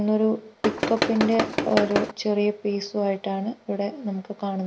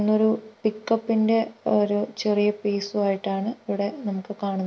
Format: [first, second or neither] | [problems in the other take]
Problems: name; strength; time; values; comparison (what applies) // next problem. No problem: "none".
second | background sound (Tools); 1 dB below the speech